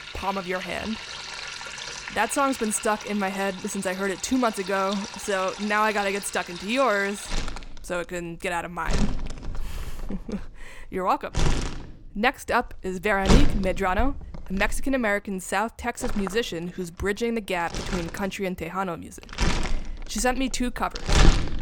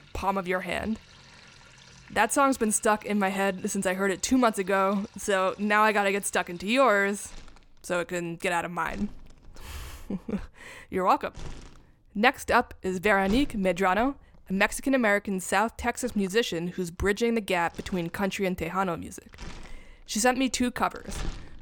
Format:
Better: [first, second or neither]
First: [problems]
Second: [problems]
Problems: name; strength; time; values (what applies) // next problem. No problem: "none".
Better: second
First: household noises; loud; throughout; 4 dB below the speech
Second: household noises; faint; throughout; 25 dB below the speech